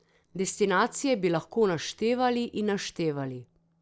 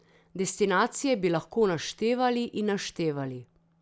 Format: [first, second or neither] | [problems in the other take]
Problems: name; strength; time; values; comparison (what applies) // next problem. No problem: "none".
second | noise reduction (neural separator model SepFormer DNS4)